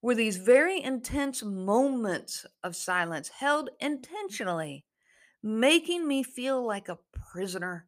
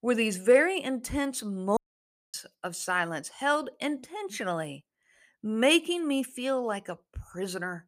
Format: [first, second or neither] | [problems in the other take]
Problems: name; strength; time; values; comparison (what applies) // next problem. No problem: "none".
first | audio cutting out; at 2 s for 0.5 s